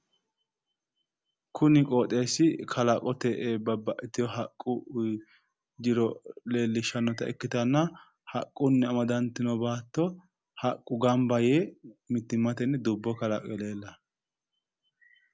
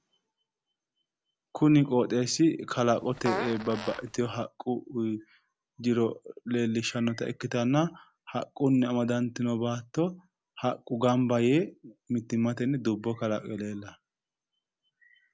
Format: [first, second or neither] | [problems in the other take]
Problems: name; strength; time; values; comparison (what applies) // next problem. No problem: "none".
first | background sound (Fart); 9 dB below the speech